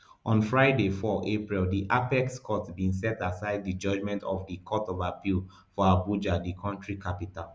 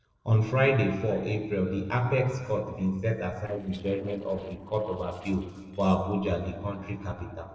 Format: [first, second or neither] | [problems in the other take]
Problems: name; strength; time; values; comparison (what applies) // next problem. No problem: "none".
first | noise reduction (neural separator model SepFormer DNS4)